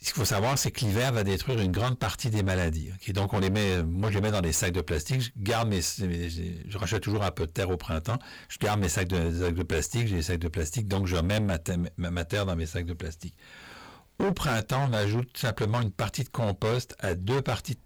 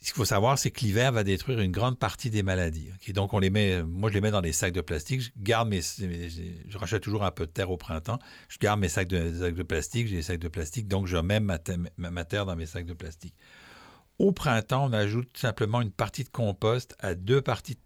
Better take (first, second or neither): second